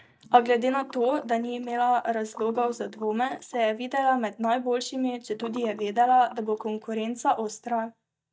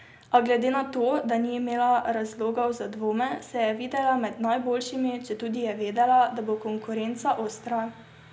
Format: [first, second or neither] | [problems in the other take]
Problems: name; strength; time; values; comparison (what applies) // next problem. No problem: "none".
second | noise reduction (neural mask model DeepFilterNet 3)